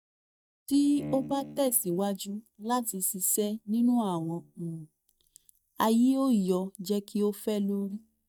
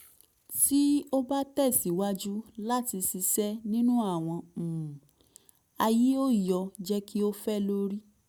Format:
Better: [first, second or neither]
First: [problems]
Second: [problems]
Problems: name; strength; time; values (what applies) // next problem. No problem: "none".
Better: second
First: noise reduction (neural mask model DeepFilterNet 3)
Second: none